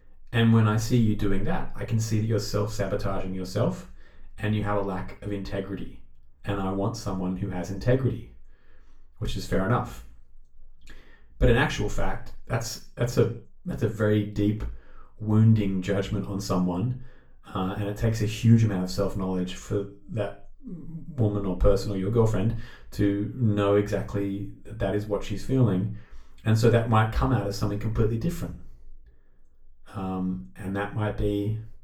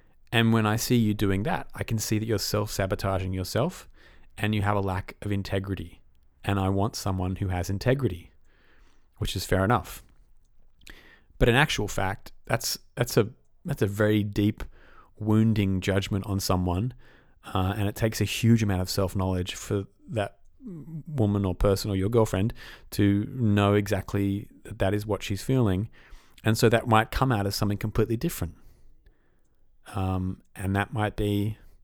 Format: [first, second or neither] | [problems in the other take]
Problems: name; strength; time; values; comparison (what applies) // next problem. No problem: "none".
second | room echo; slight; dies away in 0.3 s // off-mic speech; far